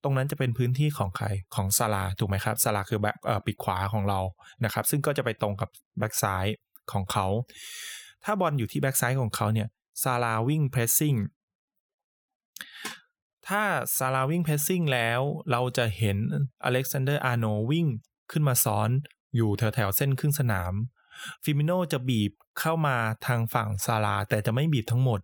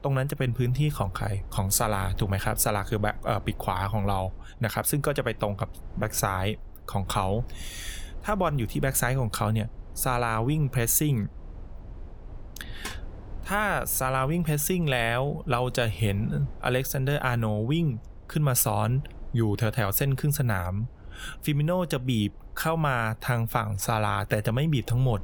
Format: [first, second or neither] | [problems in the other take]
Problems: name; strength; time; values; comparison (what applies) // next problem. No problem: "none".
first | low rumble; faint; throughout; 25 dB below the speech